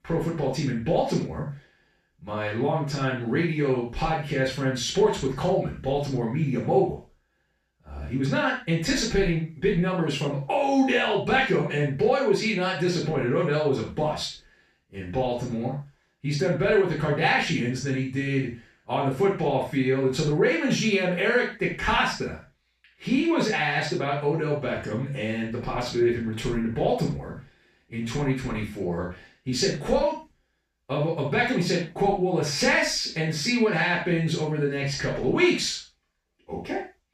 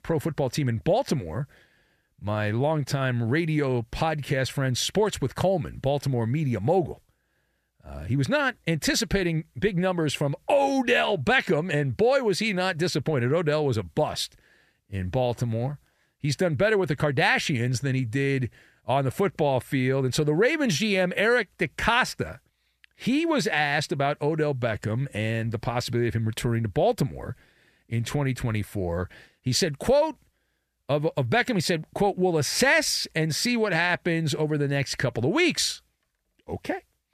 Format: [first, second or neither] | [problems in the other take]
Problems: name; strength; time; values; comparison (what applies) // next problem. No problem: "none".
second | room echo; noticeable; dies away in 0.3 s // off-mic speech; far